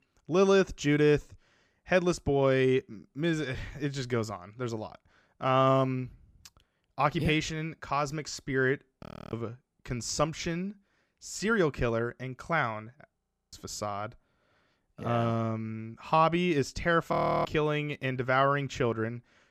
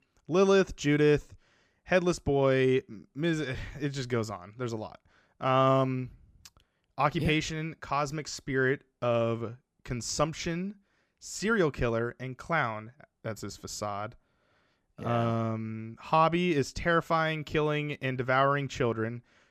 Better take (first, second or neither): second